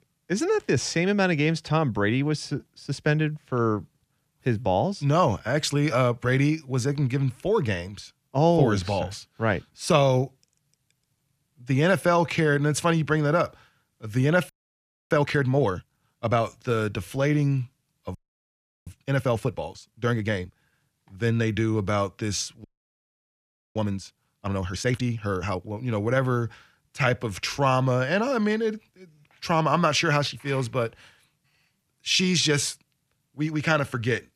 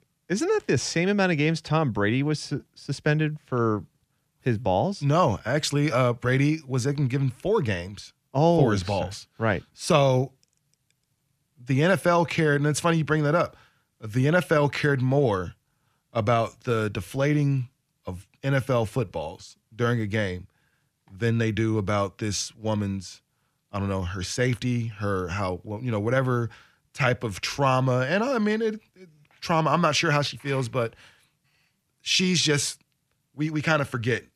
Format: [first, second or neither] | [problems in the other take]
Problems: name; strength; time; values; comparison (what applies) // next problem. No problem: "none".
second | audio freezing; at 14 s for 0.5 s, at 18 s for 0.5 s and at 23 s for 1 s